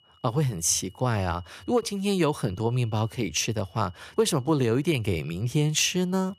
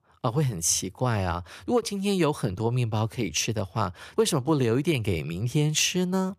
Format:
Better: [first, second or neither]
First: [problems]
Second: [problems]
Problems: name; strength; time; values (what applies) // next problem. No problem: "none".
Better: second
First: high-pitched whine; faint; throughout; 3 kHz, 30 dB below the speech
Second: none